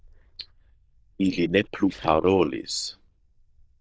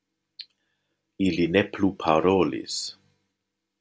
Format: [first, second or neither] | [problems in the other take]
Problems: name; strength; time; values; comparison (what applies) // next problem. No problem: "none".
second | noise reduction (neural diffusion model UNIVERSE++)